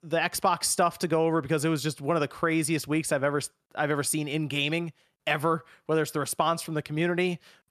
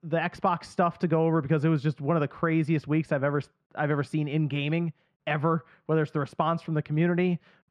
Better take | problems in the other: first | muffled; very; fading above 2 kHz

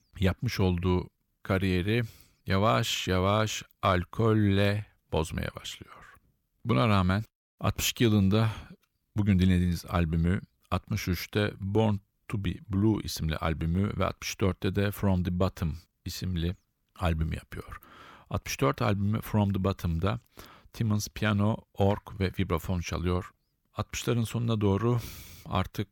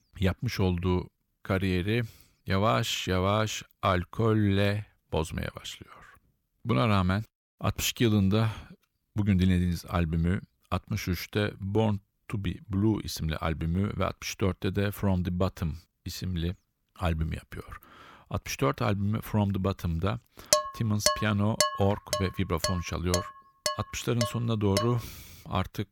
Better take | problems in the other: first | clattering dishes; loud; from 21 to 25 s; peak 4 dB above the speech

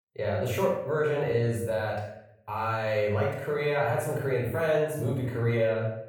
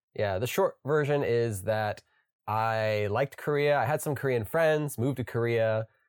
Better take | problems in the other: second | off-mic speech; far // room echo; noticeable; dies away in 0.6 s

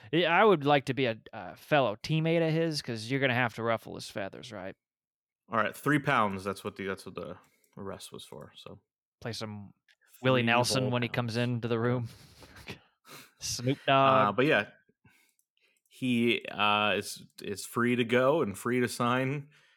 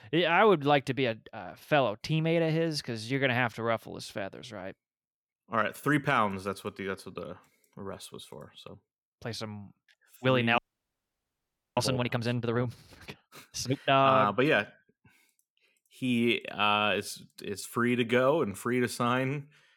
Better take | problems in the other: first | audio freezing; at 11 s for 1 s

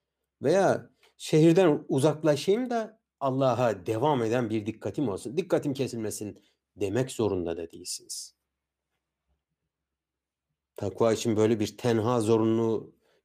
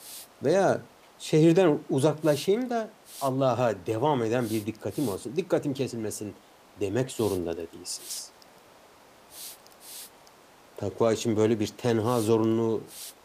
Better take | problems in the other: first | hiss; noticeable; throughout; 20 dB below the speech

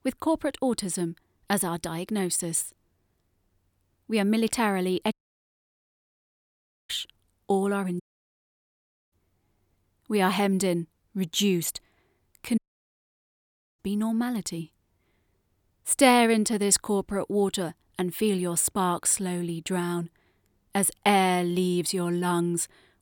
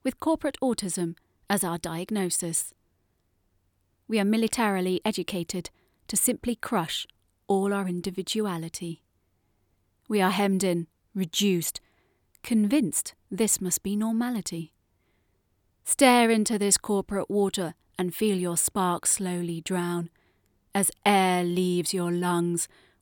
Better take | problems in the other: second | audio cutting out; at 5 s for 2 s, at 8 s for 1 s and at 13 s for 1 s

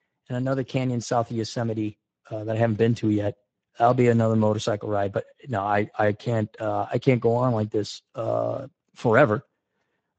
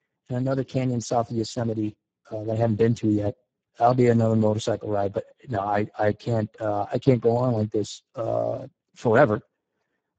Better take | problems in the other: first | garbled, watery; badly; nothing above 7.5 kHz; slightly in the first

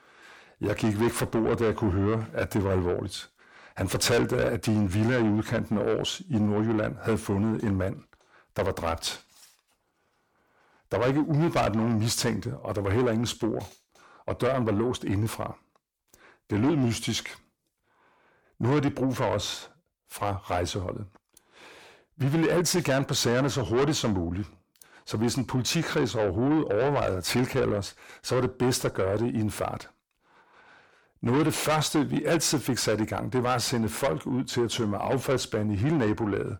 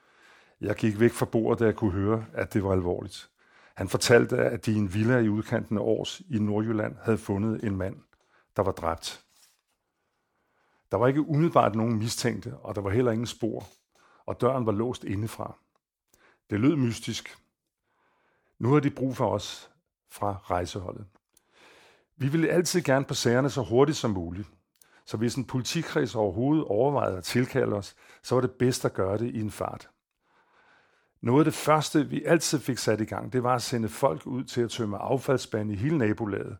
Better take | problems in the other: second | distortion; heavy; 7 dB below the speech

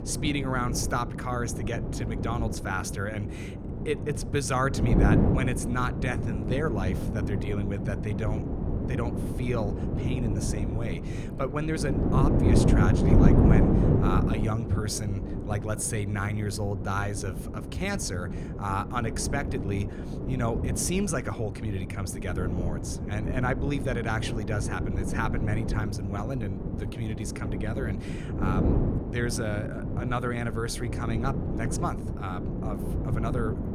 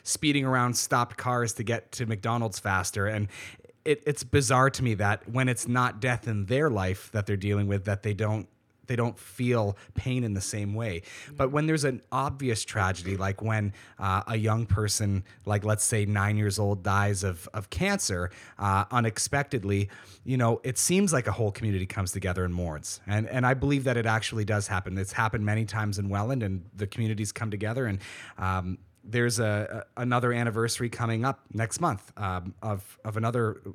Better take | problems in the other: second | wind noise on the microphone; heavy; 3 dB below the speech

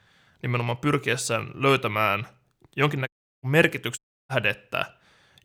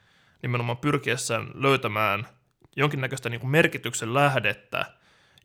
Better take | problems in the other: second | audio cutting out; at 3 s and at 4 s

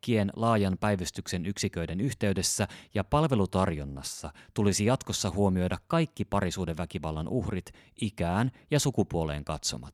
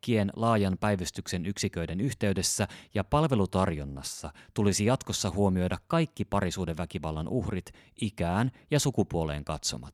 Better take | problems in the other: neither | none

